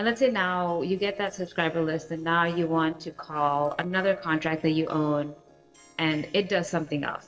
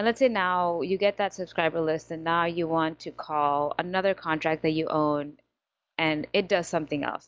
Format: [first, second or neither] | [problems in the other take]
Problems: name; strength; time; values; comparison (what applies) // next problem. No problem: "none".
second | noise reduction (neural separator model SepFormer DNS4)